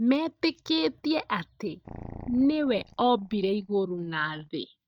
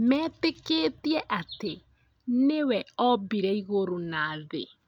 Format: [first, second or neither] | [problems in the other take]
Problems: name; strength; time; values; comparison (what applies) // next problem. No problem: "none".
second | noise reduction (neural mask model DeepFilterNet 3)